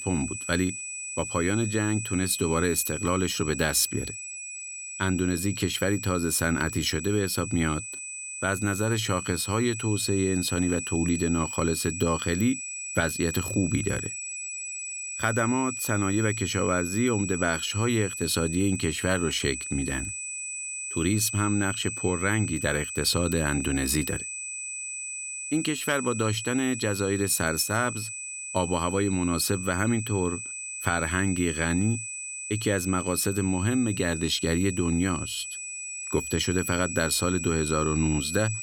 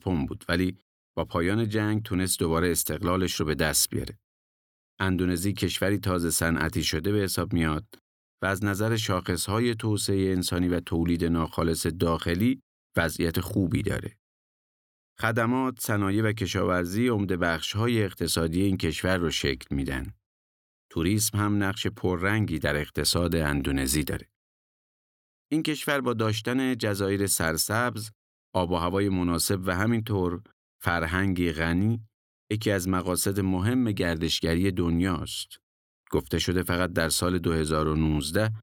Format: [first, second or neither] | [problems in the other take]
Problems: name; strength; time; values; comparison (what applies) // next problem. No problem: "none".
second | high-pitched whine; loud; throughout; 8 kHz, 6 dB below the speech